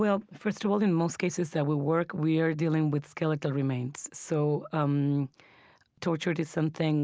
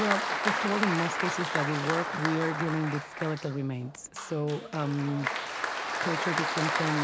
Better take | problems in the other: first | background sound (Applause); 1 dB below the speech

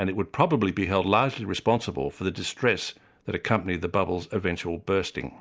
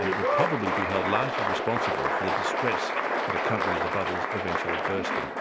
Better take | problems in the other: first | background sound (Applause); 5 dB above the speech

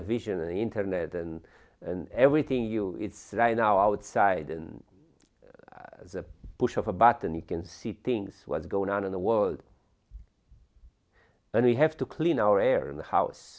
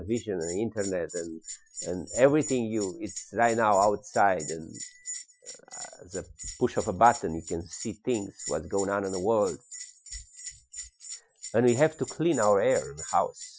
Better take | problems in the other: first | noise reduction (classical method Wiener filter)

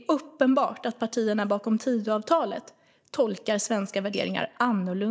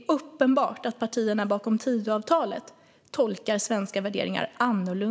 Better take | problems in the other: second | noise reduction (neural mask model DeepFilterNet 3)

